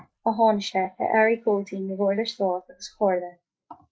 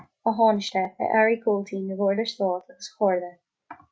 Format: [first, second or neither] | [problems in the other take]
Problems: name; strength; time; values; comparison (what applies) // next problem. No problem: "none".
second | noise reduction (neural mask model Resemble Enhance denoiser)